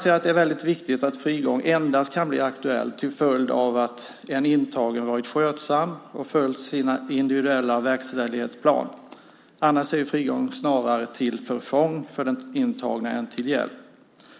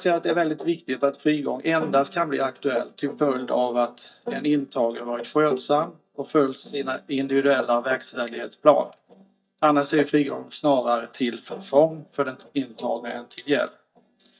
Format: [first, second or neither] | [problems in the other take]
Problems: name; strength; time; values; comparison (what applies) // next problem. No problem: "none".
first | noise reduction (neural mask model DeepFilterNet 3)